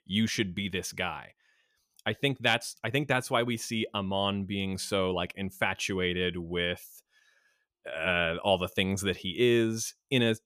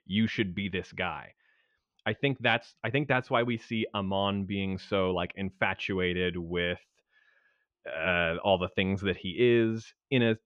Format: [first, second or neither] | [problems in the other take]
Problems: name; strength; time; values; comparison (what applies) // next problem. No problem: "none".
first | muffled; very; fading above 3 kHz